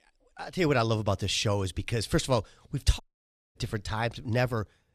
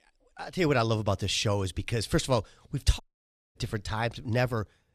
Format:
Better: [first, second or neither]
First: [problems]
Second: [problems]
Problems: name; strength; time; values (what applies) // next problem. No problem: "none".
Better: neither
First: audio cutting out; at 3 s for 0.5 s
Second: audio cutting out; at 3 s for 0.5 s